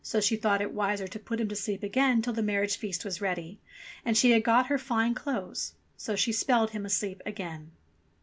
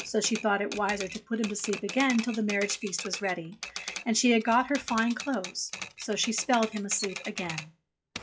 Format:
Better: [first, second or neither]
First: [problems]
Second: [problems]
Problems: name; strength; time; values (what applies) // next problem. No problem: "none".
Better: first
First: none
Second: noise reduction (classical method log-MMSE)